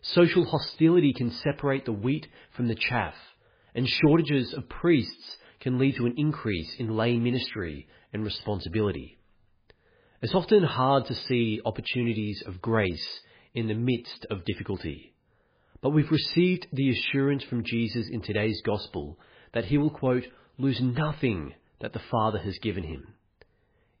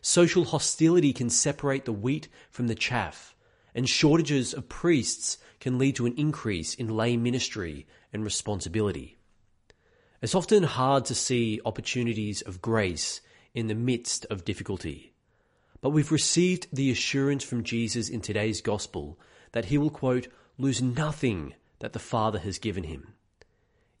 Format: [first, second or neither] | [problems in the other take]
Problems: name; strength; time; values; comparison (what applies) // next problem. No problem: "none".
second | garbled, watery; badly; nothing above 5 kHz; slightly in the second